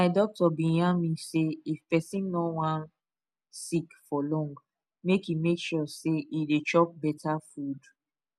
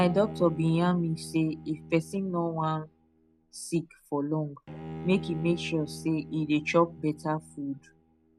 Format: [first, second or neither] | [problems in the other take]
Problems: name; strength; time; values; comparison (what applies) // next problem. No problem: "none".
first | background sound (Bowed string instrument); 14 dB below the speech